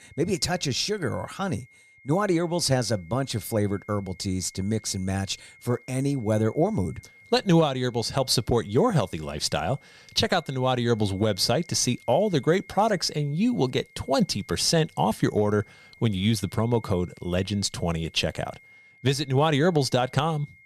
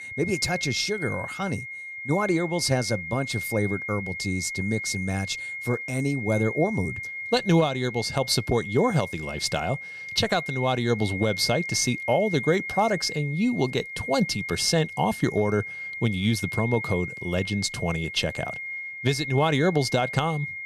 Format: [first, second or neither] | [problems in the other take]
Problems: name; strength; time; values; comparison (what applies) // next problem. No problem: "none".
first | high-pitched whine; loud; throughout; 2 kHz, 7 dB below the speech; faint in the first